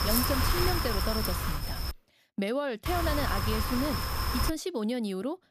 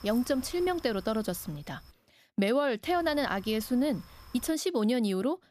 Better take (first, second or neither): second